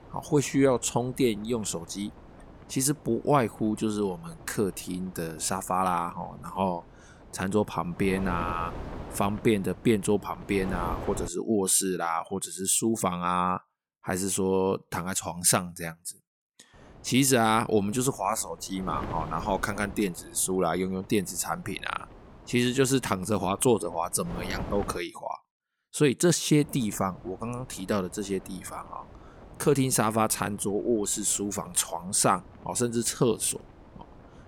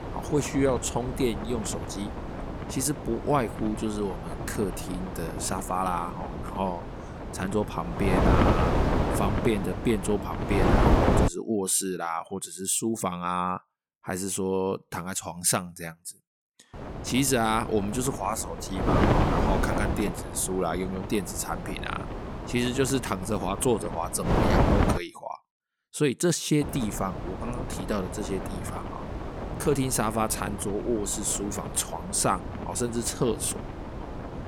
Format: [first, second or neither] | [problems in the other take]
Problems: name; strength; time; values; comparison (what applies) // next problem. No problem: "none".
first | wind noise on the microphone; heavy; until 11 s, from 17 to 25 s and from 27 s on; 3 dB below the speech; occasional gusts in the first